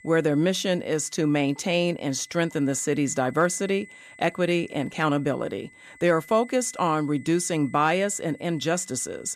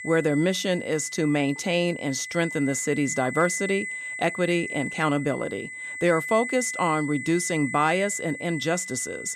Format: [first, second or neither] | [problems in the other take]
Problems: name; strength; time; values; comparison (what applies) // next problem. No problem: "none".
first | high-pitched whine; loud; throughout; 2 kHz, 8 dB below the speech; faint in the first